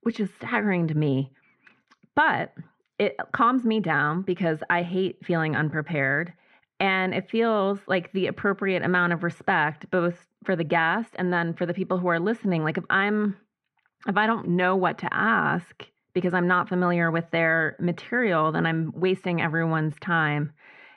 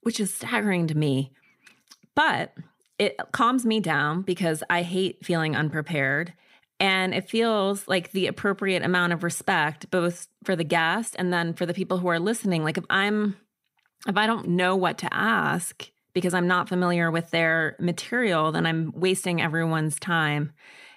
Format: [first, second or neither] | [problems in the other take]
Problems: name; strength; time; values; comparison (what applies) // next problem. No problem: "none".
second | muffled; very; fading above 2 kHz